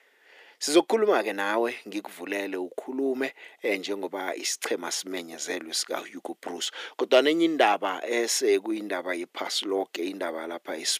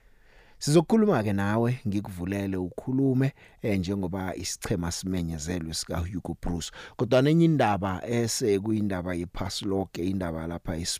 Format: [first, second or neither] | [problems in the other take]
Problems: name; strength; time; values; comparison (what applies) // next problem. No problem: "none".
second | thin; somewhat; fading below 300 Hz